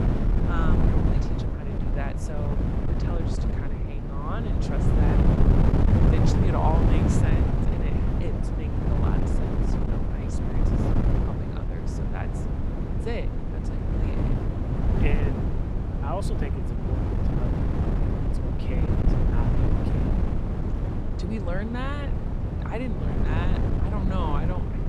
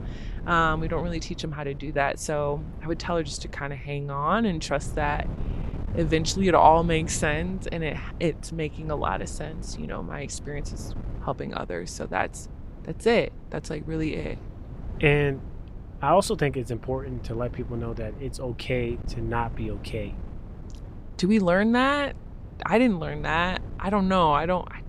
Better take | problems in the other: second | wind noise on the microphone; heavy; 3 dB above the speech; occasional gusts in the second

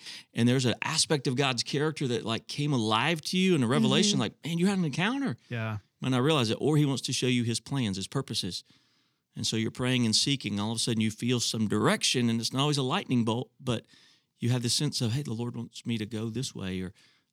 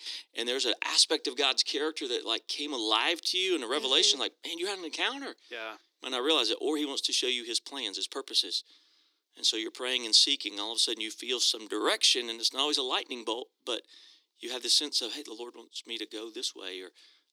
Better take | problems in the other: first | thin; very; fading below 300 Hz

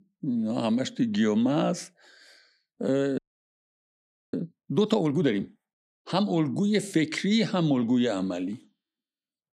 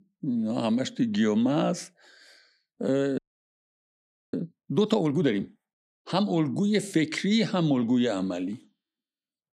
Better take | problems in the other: neither | audio freezing; at 3 s for 1 s; the same in both

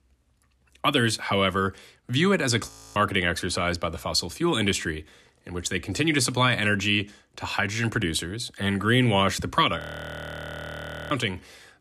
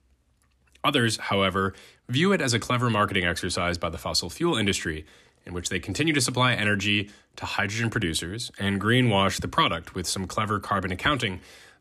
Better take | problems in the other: second | audio freezing; at 2.5 s and at 10 s for 1.5 s

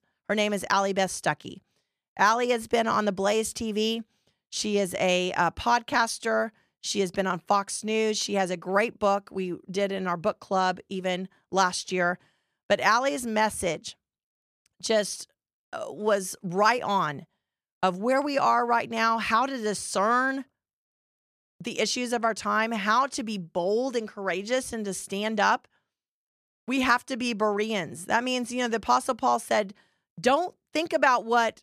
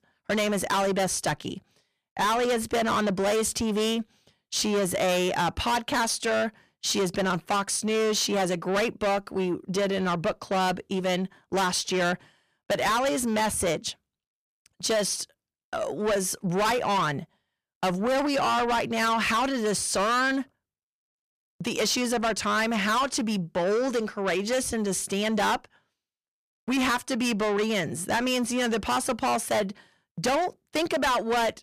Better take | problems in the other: first | distortion; heavy; 6 dB below the speech

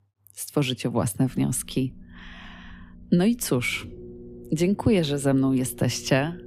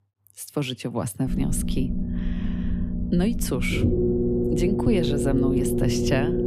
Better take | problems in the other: first | low rumble; loud; from 1.5 s on; as loud as the speech; faint in the first

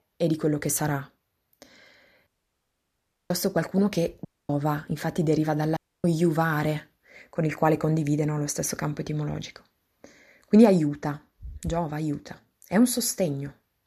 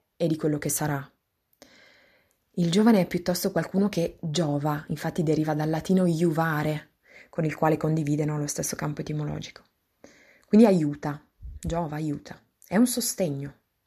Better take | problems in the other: second | audio cutting out; at 2.5 s for 1 s, at 4.5 s and at 6 s

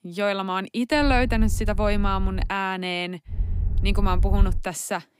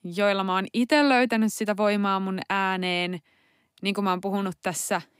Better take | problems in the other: second | low rumble; faint; from 1 to 2.5 s and from 3.5 to 4.5 s; 20 dB below the speech

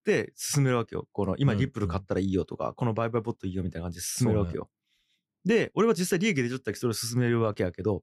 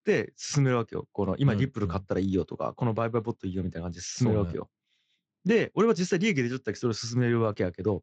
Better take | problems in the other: first | garbled, watery; slightly

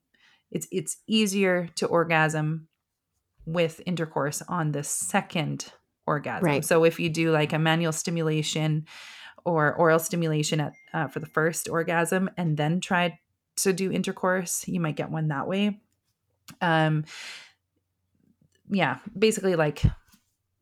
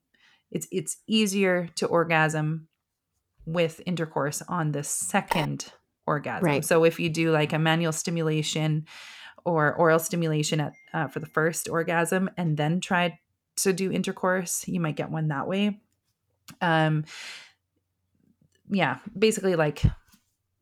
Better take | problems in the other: first | phone ringing; noticeable; at 5.5 s; peak 6 dB below the speech

